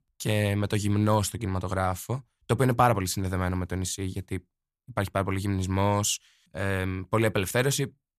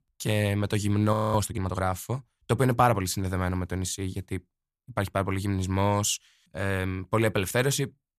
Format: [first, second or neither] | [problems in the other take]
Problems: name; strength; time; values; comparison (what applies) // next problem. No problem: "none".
first | audio freezing; at 1 s